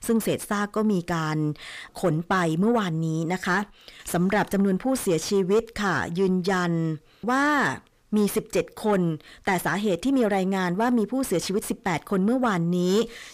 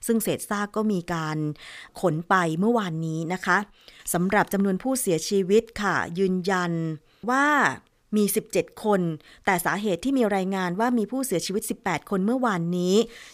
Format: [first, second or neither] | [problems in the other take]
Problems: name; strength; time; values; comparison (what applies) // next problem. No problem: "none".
second | distortion; slight; 10 dB below the speech